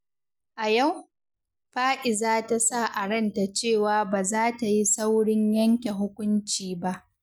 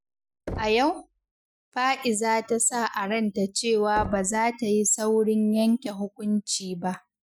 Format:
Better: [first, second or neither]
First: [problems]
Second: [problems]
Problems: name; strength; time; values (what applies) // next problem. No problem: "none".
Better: first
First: none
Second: noise reduction (classical method spectral subtraction)